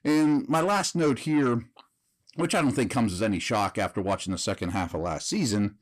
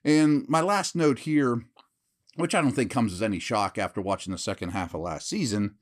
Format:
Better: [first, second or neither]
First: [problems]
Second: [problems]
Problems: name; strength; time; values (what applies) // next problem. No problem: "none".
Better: second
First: distortion; slight; 10 dB below the speech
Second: none